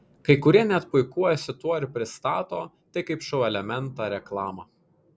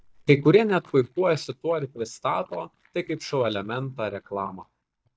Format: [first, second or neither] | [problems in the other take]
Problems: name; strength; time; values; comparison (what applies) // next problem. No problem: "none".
first | noise reduction (neural mask model DeepFilterNet 3)